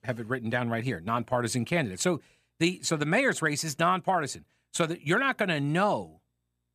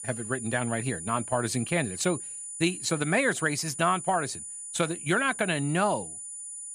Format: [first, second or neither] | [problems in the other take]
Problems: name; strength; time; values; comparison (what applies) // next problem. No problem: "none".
first | high-pitched whine; loud; throughout; 9.5 kHz, 8 dB below the speech